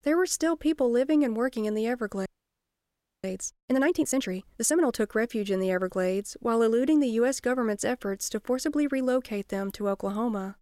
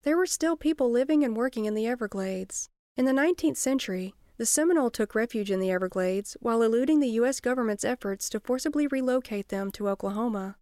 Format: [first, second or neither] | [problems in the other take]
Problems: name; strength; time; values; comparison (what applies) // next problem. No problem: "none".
second | audio freezing; at 2.5 s for 1 s